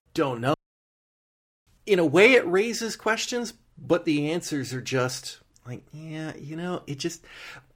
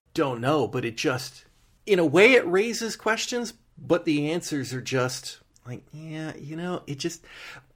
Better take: second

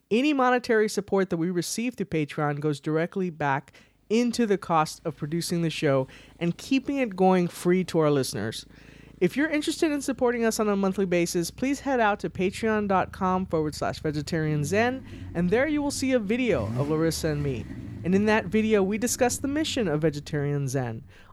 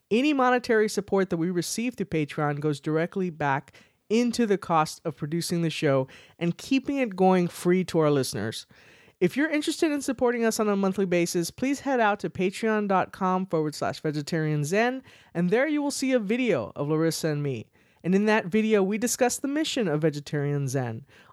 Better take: second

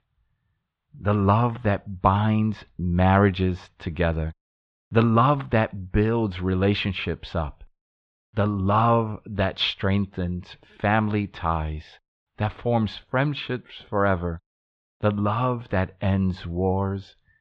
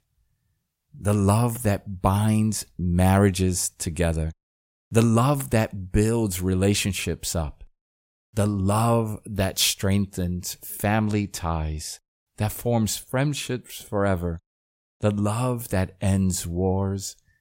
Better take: second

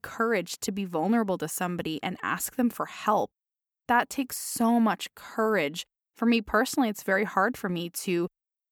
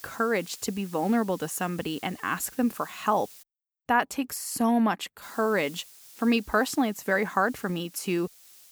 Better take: first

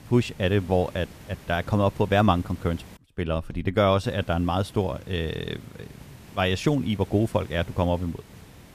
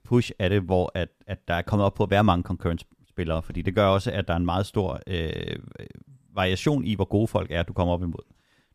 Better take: second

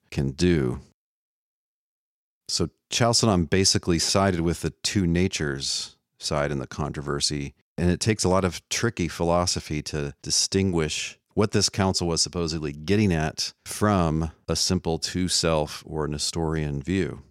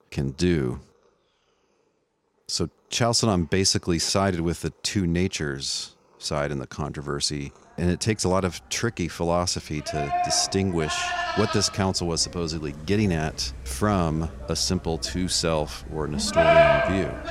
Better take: first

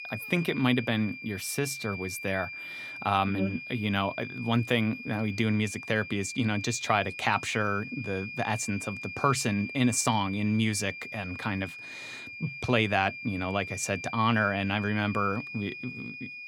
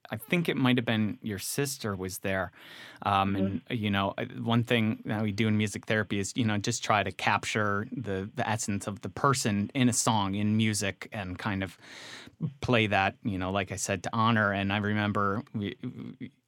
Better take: second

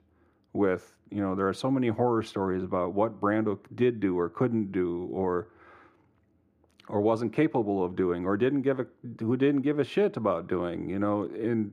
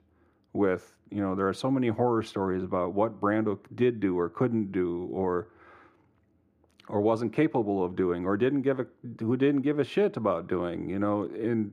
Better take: neither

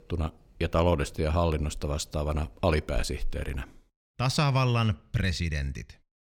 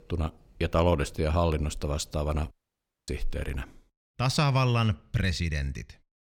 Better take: first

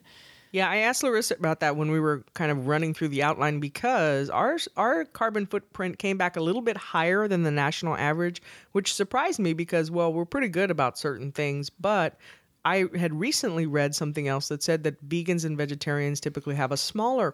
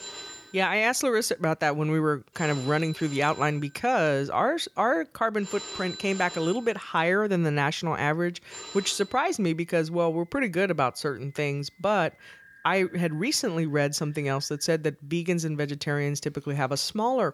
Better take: first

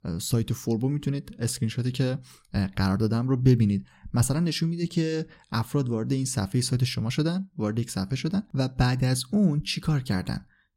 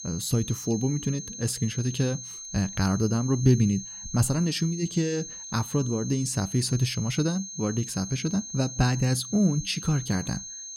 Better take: first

